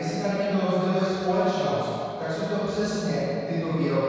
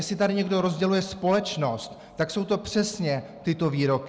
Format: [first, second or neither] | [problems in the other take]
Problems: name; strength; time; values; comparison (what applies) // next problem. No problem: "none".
second | room echo; dies away in 2.2 s